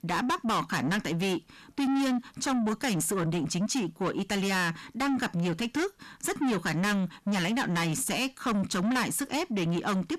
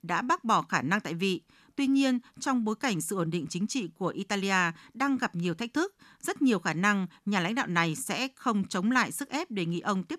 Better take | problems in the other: second | distortion; heavy; 6 dB below the speech

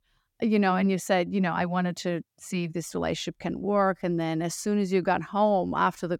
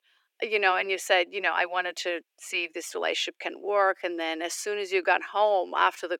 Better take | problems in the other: first | thin; very; fading below 350 Hz

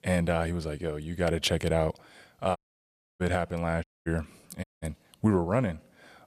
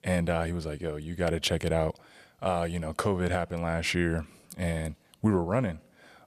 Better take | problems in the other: second | audio cutting out; at 2.5 s for 0.5 s, at 4 s and at 4.5 s

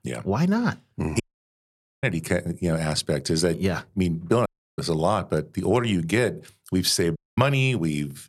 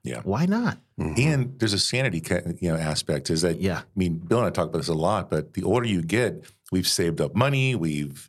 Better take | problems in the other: second | audio cutting out; at 1 s for 1 s, at 4.5 s and at 7 s

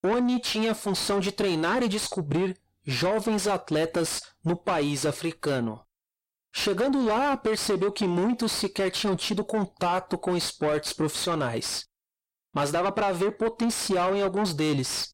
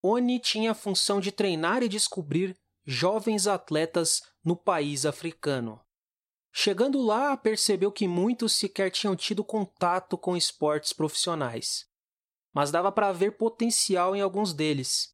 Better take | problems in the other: second | distortion; heavy; 7 dB below the speech

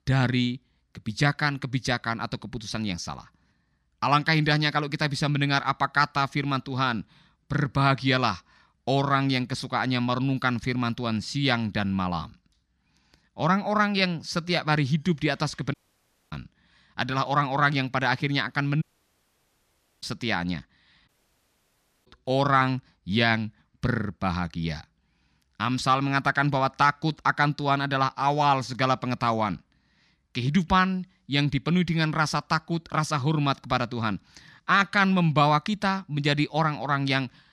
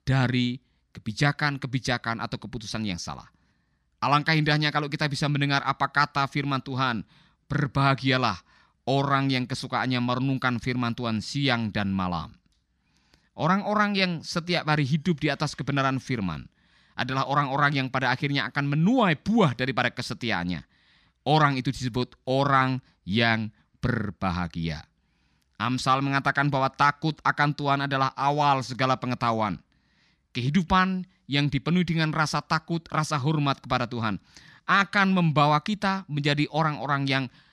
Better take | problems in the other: second | audio cutting out; at 16 s for 0.5 s, at 19 s for 1 s and at 21 s for 1 s

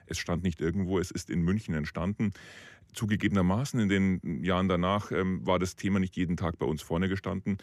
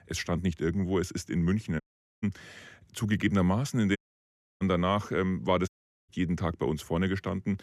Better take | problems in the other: first | audio cutting out; at 2 s, at 4 s for 0.5 s and at 5.5 s

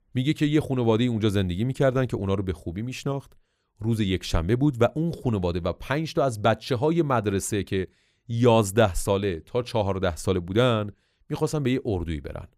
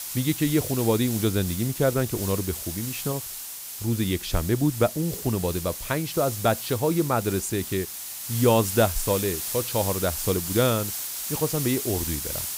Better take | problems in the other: first | hiss; loud; throughout; 5 dB below the speech

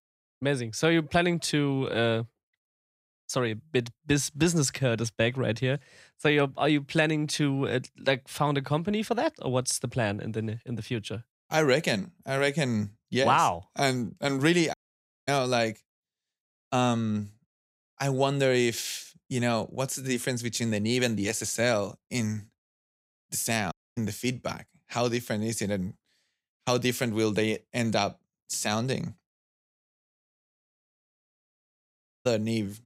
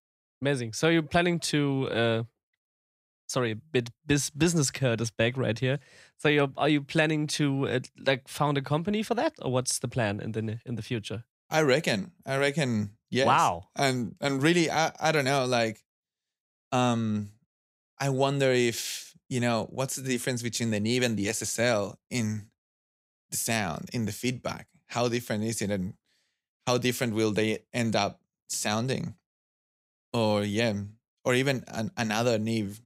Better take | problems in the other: second | audio cutting out; at 15 s for 0.5 s, at 24 s and at 30 s for 2.5 s

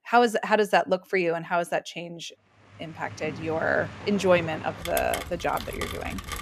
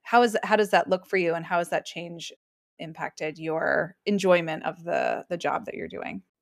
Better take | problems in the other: second | rain or running water; noticeable; from 3 s on; 10 dB below the speech

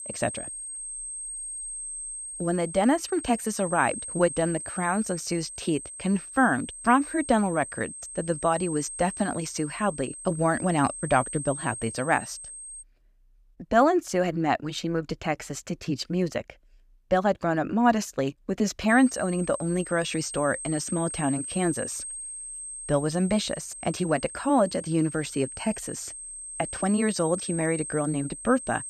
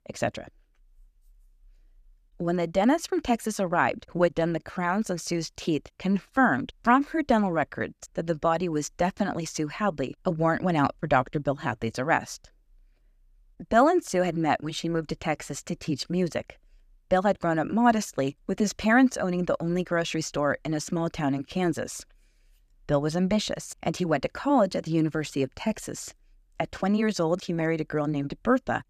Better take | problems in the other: second | high-pitched whine; loud; until 13 s and from 19 s on; 8.5 kHz, 9 dB below the speech

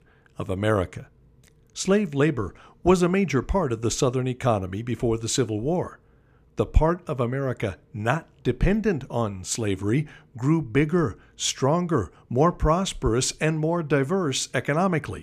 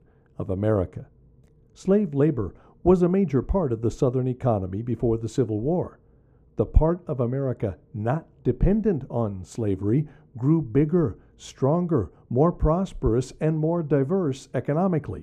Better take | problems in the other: first | muffled; slightly; fading above 1 kHz

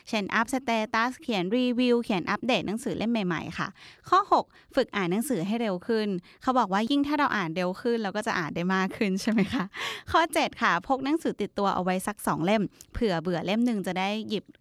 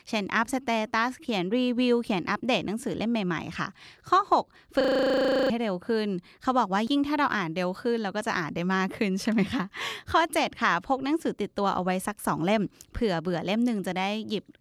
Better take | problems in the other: first | audio freezing; at 5 s for 0.5 s

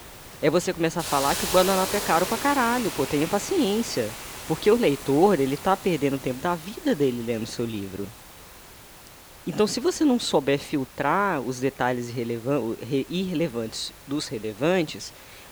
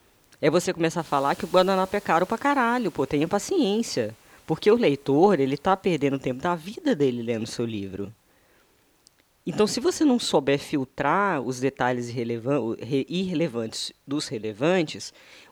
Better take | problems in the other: second | hiss; loud; throughout; 9 dB below the speech; faint in the second

